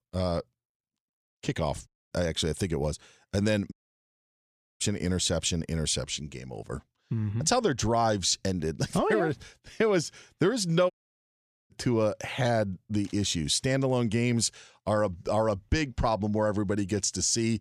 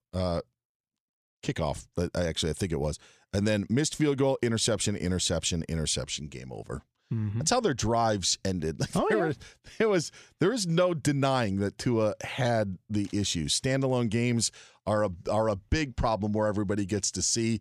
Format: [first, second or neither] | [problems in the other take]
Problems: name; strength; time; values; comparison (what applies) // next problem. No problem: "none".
second | audio cutting out; at 2 s, at 3.5 s for 1 s and at 11 s for 1 s